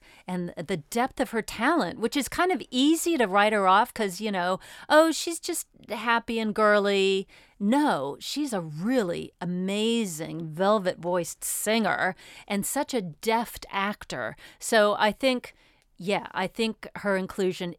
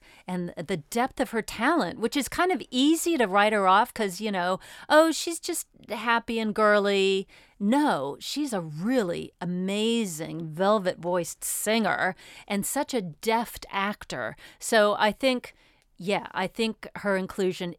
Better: neither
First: none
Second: none

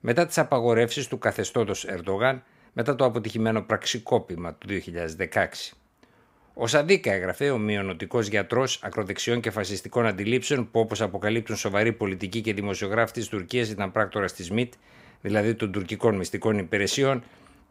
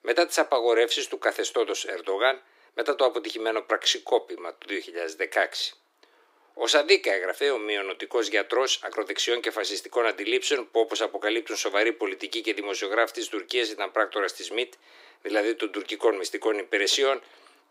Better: first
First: none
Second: thin; very; fading below 300 Hz

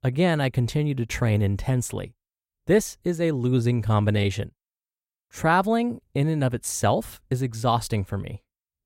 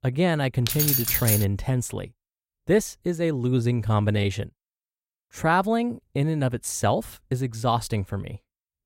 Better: first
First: none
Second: jangling keys; loud; at 0.5 s; peak 4 dB above the speech

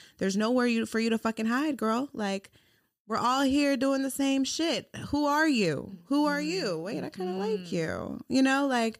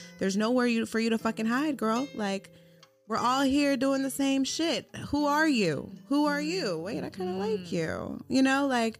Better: first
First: none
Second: background music; faint; throughout; 25 dB below the speech

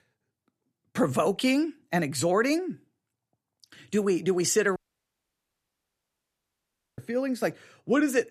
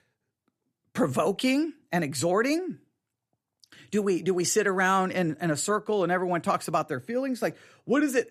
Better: second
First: audio cutting out; at 5 s for 2 s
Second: none

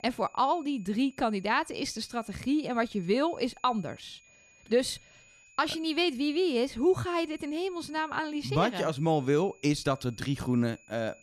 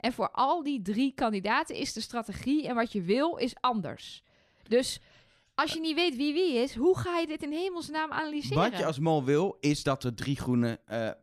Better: second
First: high-pitched whine; faint; throughout; 2.5 kHz, 25 dB below the speech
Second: none

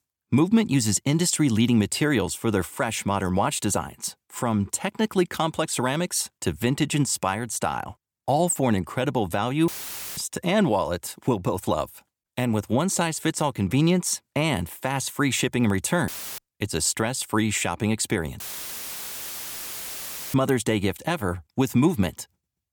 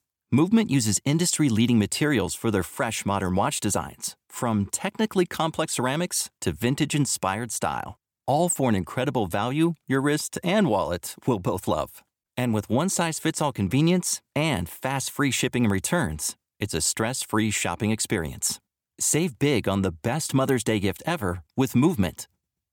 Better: second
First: audio cutting out; filled with static; at 9.5 s, at 16 s and at 18 s for 2 s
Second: none

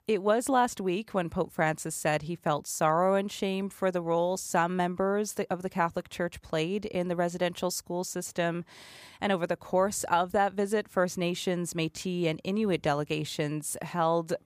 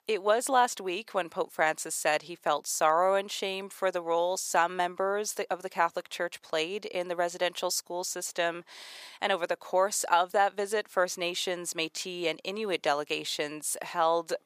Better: first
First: none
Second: thin; somewhat; fading below 450 Hz

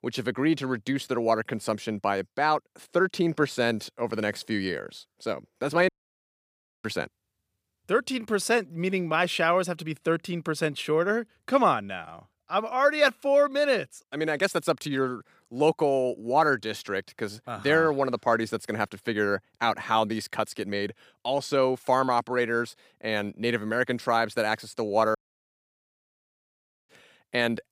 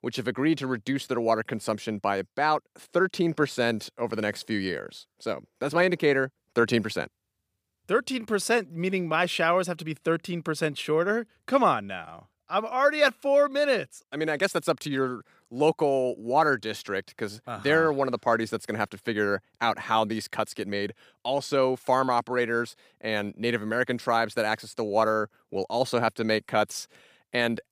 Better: second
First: audio cutting out; at 6 s for 1 s and at 25 s for 1.5 s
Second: none

